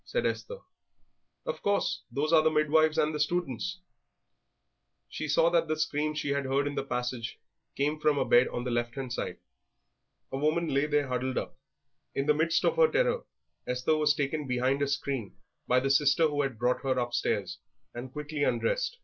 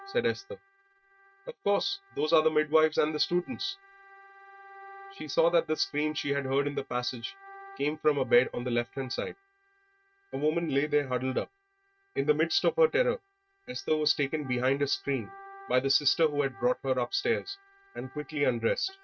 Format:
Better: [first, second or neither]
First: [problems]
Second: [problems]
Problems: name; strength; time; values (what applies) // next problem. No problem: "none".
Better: first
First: none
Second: noise reduction (neural mask model RNNoise)